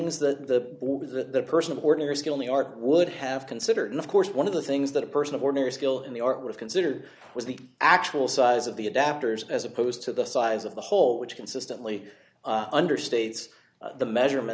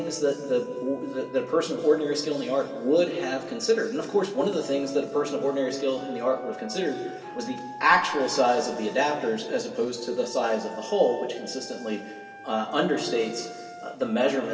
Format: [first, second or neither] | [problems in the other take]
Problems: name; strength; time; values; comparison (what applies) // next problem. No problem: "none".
first | background sound (Wind instrument, woodwind instrument); 17 dB below the speech // room echo; dies away in 2.3 s